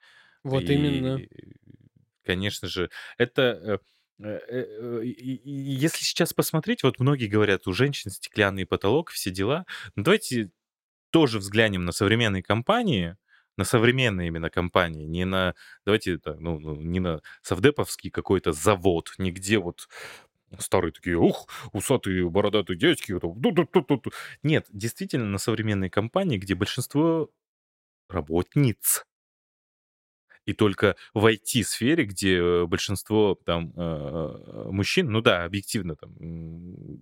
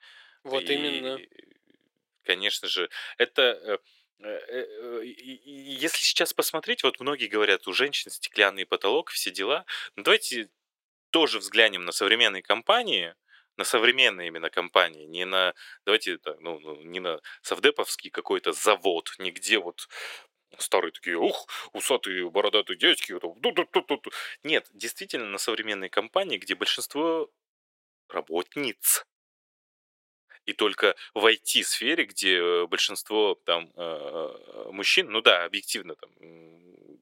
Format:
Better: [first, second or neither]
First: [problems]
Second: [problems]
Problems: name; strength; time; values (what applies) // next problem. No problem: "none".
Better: first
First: none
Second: thin; very; fading below 400 Hz